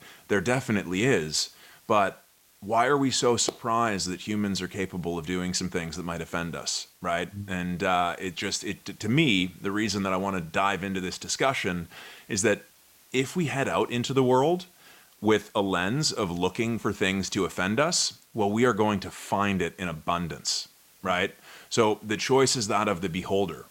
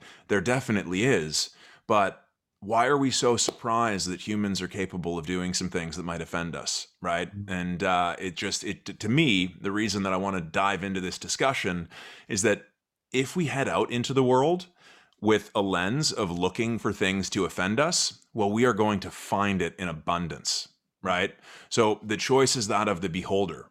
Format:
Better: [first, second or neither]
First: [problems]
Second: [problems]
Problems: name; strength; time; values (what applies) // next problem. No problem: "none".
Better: second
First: hiss; faint; throughout; 30 dB below the speech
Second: none